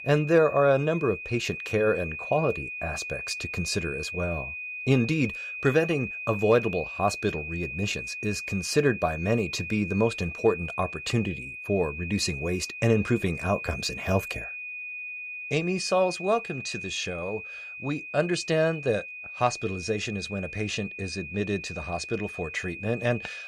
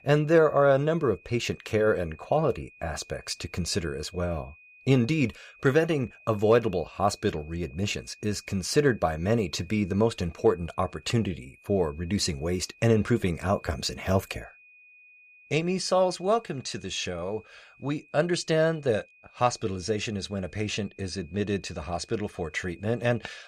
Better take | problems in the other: second | high-pitched whine; loud; throughout; 2.5 kHz, 8 dB below the speech; faint in the second

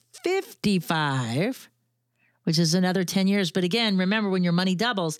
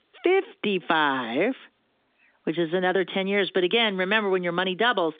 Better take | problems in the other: first | phone-call audio; nothing above 3.5 kHz

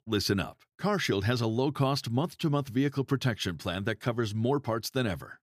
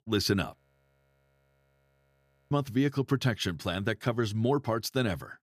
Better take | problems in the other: first | audio freezing; at 0.5 s for 2 s

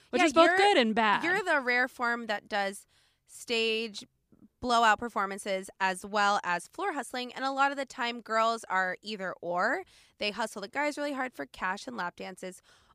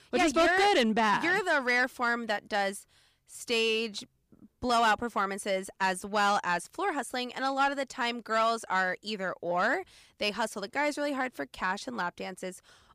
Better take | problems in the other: first | distortion; slight; 10 dB below the speech

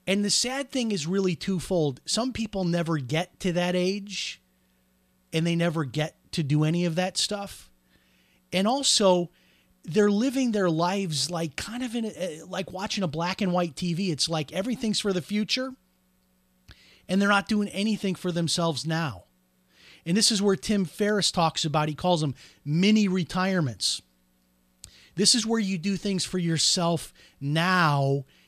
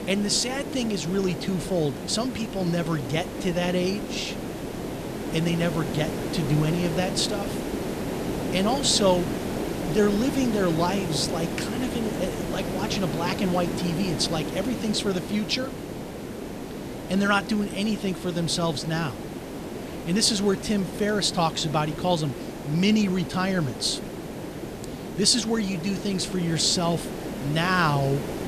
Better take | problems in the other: first | hiss; loud; throughout; 7 dB below the speech

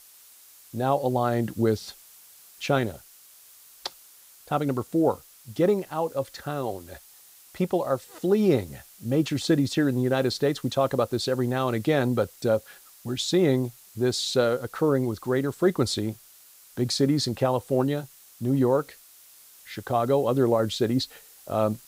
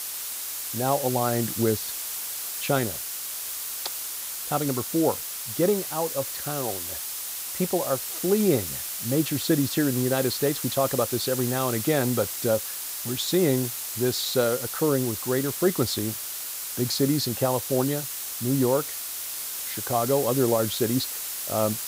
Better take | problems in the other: first | hiss; loud; throughout; 4 dB below the speech; faint in the first

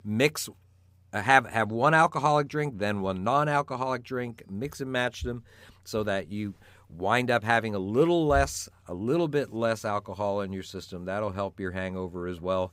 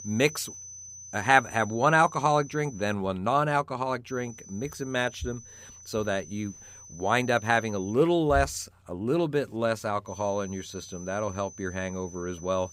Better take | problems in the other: first | high-pitched whine; noticeable; until 3 s, from 4 to 8 s and from 10 s on; 6 kHz, 15 dB below the speech

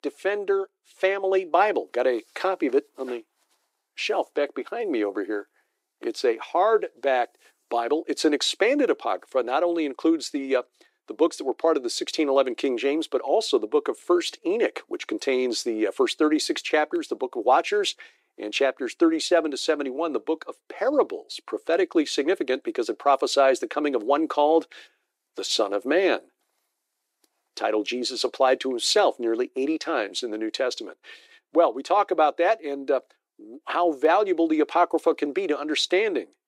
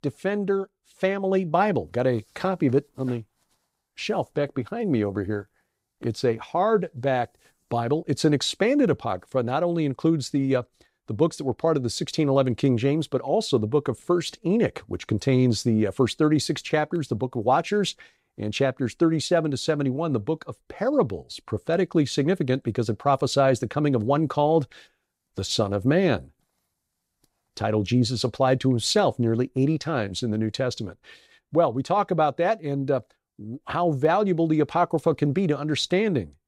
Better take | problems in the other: second | thin; somewhat; fading below 300 Hz

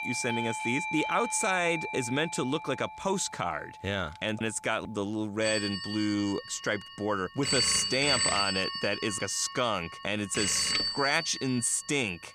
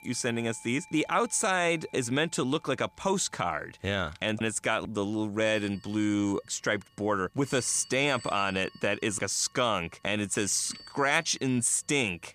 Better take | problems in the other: second | alarms or sirens; loud; throughout; 1 dB below the speech; faint in the second

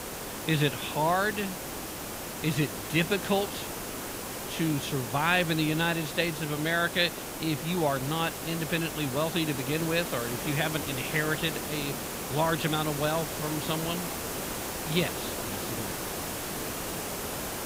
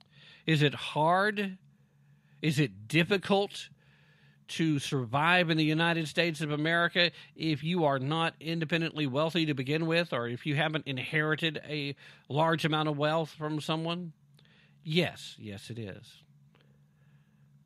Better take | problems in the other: second | hiss; loud; throughout; 5 dB below the speech

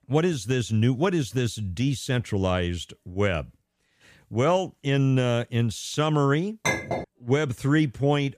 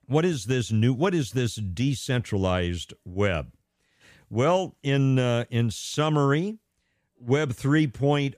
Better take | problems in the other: second | clattering dishes; noticeable; at 6.5 s; peak 1 dB below the speech

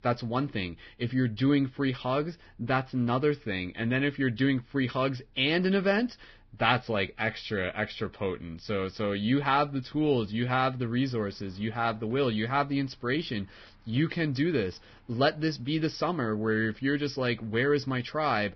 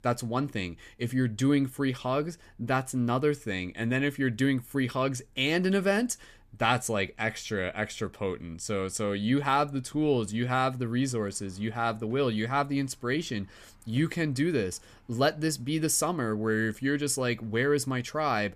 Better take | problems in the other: second | garbled, watery; badly; nothing above 5.5 kHz

